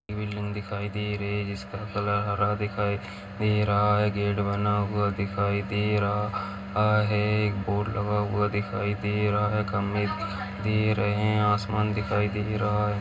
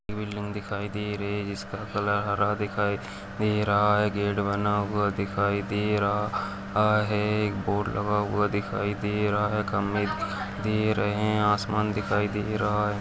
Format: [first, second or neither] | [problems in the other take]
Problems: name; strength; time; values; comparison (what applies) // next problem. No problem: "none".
second | room echo; dies away in 0.2 s